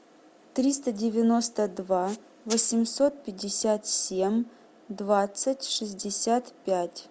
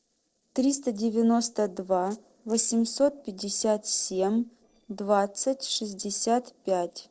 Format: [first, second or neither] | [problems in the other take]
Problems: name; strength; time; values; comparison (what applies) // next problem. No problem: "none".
first | noise reduction (neural separator model SepFormer DNS4)